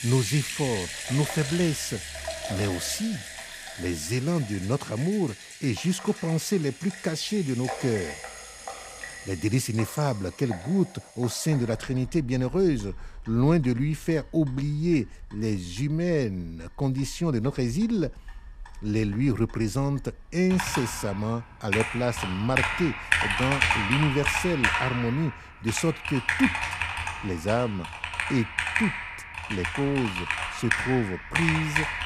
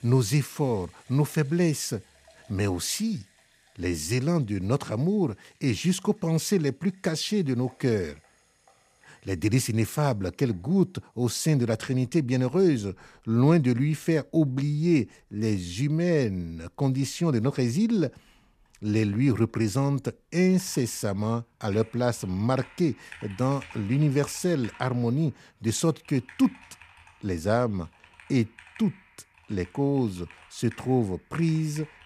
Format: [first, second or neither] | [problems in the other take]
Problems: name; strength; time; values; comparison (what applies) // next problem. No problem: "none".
second | household noises; loud; throughout; 2 dB below the speech; faint in the second